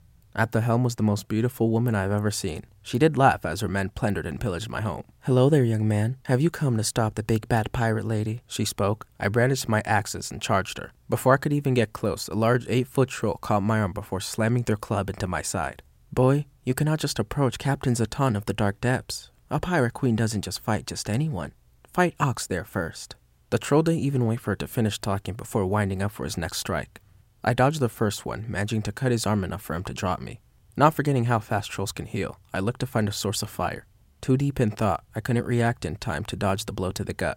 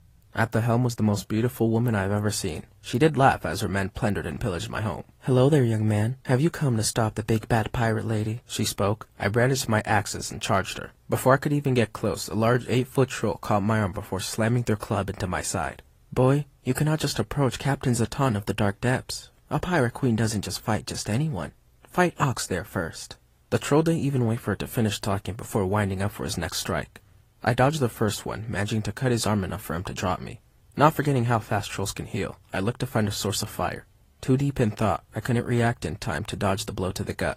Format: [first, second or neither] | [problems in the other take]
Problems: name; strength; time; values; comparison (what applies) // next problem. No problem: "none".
first | garbled, watery; slightly; nothing above 15 kHz